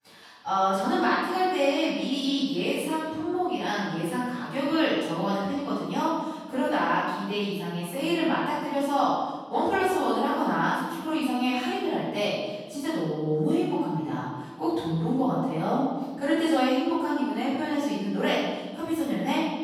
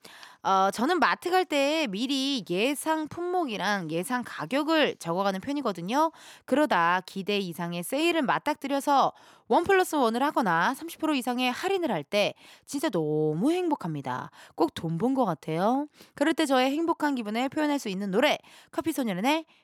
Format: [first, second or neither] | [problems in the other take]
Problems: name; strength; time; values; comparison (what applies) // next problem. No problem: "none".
second | off-mic speech; far // room echo; strong; dies away in 1.3 s